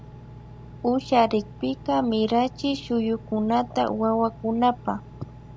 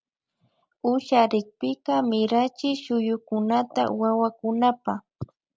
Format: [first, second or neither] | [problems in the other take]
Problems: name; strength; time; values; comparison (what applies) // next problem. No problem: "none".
second | background sound (Engine); 17 dB below the speech